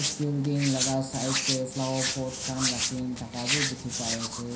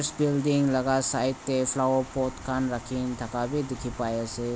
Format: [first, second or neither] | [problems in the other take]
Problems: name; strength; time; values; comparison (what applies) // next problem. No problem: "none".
second | background sound (Hands); 1 dB below the speech // room echo; dies away in 0.5 s